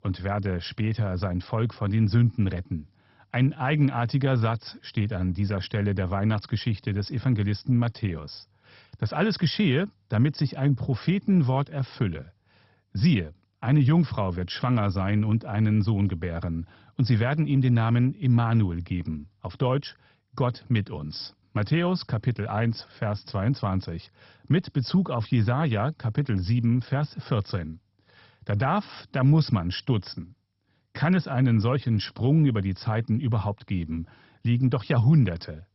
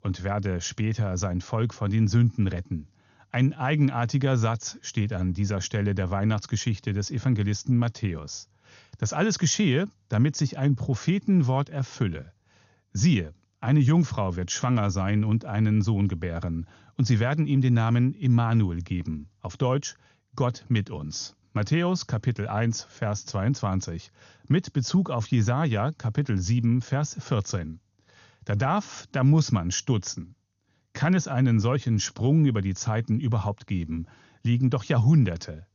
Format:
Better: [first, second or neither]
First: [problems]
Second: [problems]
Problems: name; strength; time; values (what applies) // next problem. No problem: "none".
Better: second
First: garbled, watery; badly; nothing above 5.5 kHz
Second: garbled, watery; slightly; nothing above 6.5 kHz